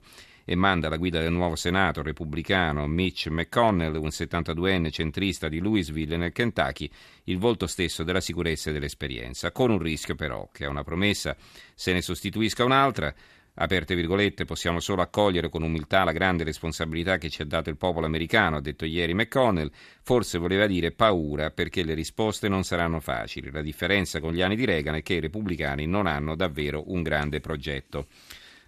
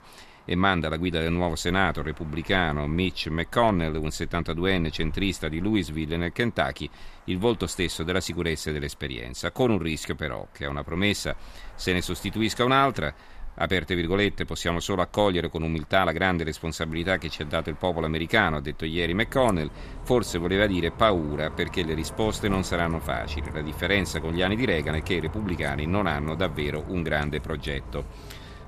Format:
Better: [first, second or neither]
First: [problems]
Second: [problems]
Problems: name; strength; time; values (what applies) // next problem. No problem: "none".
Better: first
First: none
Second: traffic noise; noticeable; throughout; 15 dB below the speech